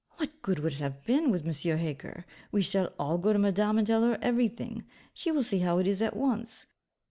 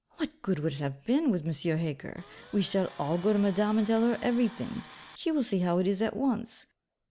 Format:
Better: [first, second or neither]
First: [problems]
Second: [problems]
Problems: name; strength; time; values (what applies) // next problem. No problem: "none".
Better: first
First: none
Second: background sound (Tools); 20 dB below the speech